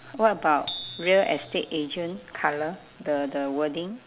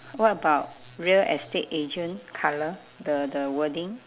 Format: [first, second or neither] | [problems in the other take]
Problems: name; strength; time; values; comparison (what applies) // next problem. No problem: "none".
second | background sound (Bicycle bell); 16 dB below the speech